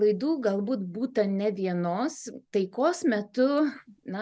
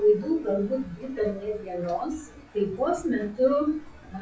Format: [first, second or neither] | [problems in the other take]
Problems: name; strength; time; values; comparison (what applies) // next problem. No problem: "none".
first | noise reduction (classical method WPE with log-MMSE)